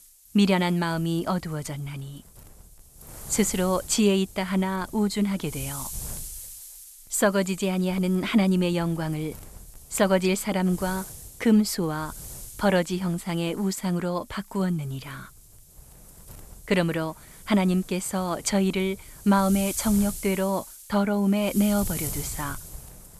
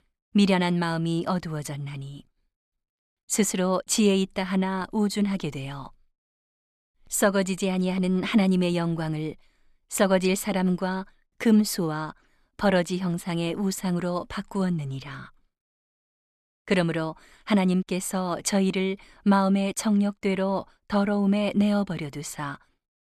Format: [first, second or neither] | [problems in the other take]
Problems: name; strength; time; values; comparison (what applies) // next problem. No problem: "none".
second | wind noise on the microphone; occasional gusts; 15 dB below the speech